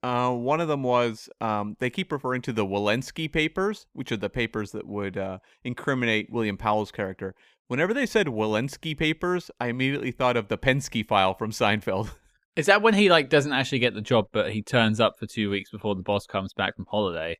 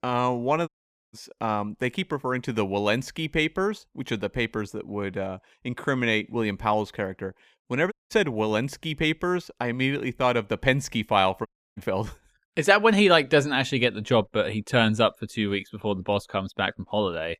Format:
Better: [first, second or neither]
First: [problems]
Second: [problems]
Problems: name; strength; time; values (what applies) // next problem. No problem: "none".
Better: first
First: none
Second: audio cutting out; at 0.5 s, at 8 s and at 11 s